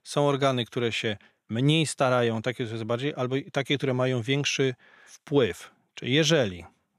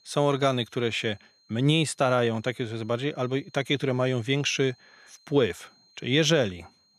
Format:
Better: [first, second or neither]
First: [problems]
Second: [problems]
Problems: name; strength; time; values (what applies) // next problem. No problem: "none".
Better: first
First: none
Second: high-pitched whine; faint; throughout; 4 kHz, 35 dB below the speech